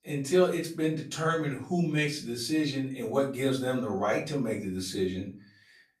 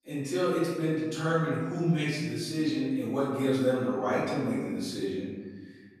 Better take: first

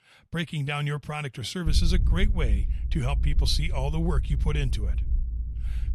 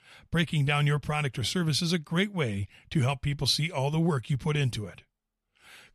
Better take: second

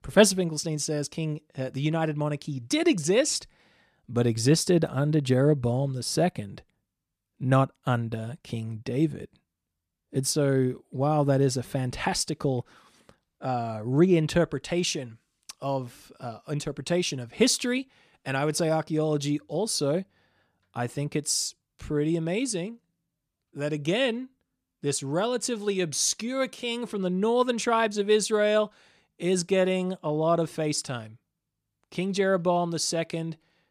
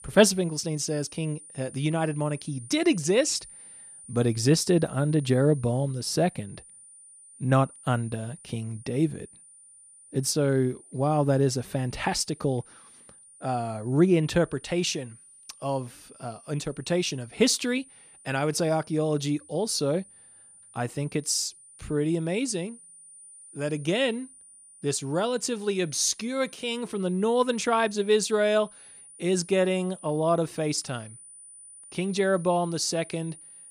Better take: first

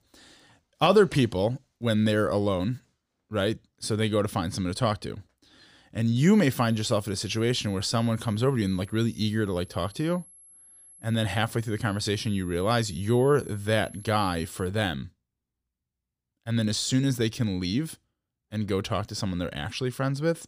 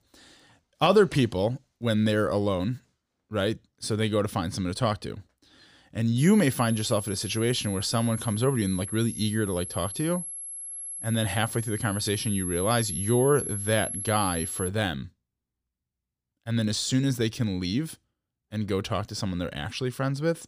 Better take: first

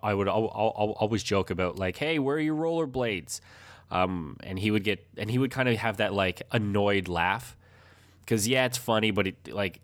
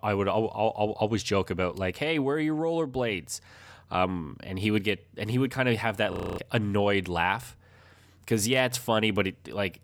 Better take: first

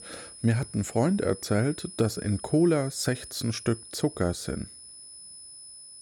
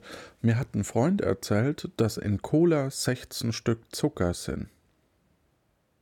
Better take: second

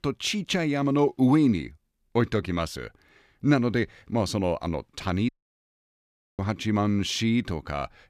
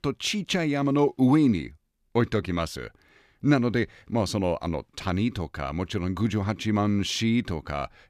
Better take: second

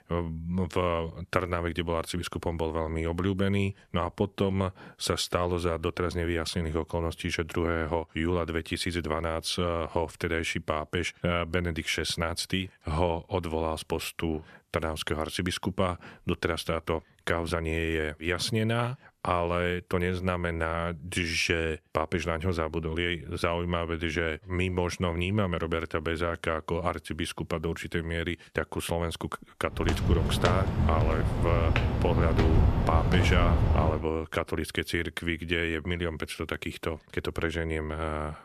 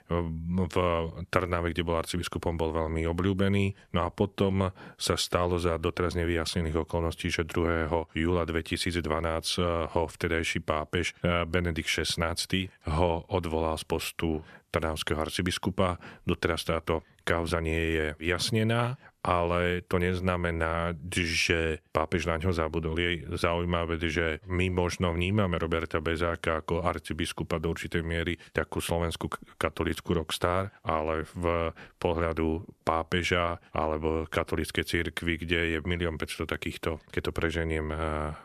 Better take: second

